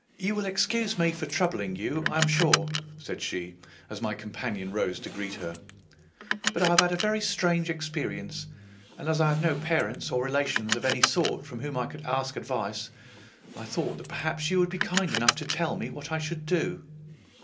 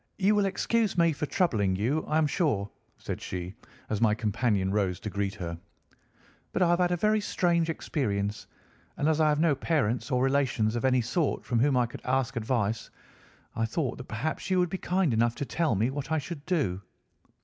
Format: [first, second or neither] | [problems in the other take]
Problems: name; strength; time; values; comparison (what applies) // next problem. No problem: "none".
second | background sound (Car); 6 dB below the speech // room echo; dies away in 0.2 s